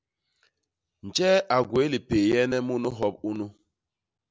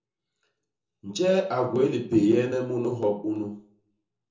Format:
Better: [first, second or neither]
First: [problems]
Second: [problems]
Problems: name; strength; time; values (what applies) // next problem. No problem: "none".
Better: first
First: none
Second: room echo; dies away in 0.7 s